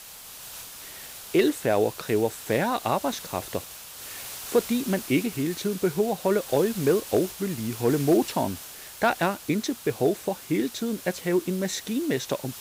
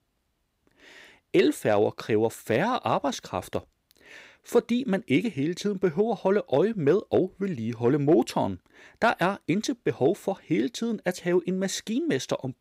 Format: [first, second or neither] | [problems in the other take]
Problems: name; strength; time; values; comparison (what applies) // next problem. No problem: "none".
second | hiss; noticeable; throughout; 10 dB below the speech